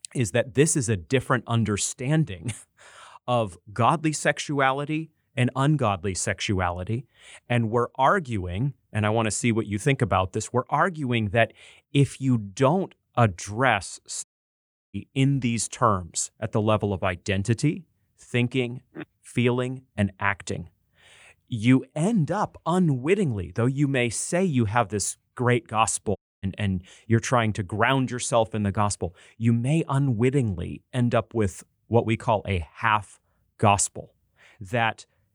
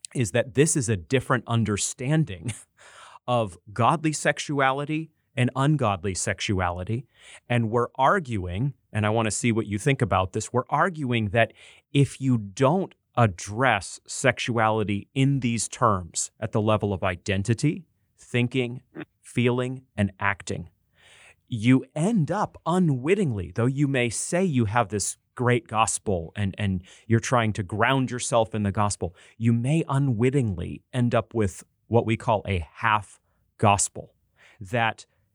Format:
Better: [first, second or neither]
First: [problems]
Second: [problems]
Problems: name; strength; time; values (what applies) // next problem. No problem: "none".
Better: second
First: audio cutting out; at 14 s for 0.5 s and at 26 s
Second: none